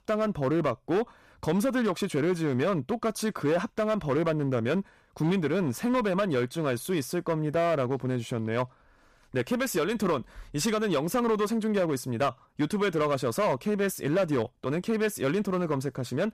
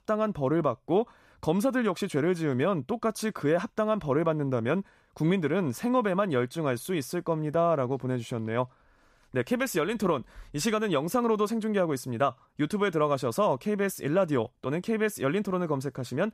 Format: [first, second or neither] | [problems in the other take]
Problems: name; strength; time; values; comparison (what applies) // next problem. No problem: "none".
second | distortion; slight; 8% of the sound clipped